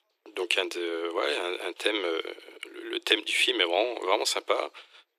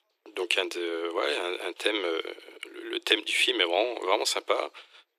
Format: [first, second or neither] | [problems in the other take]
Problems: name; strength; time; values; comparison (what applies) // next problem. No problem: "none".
neither | thin; very; fading below 350 Hz; the same in both